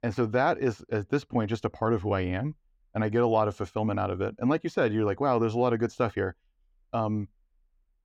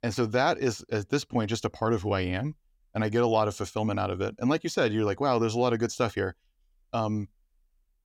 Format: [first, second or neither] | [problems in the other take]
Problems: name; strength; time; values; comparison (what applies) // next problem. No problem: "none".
second | muffled; slightly; fading above 3 kHz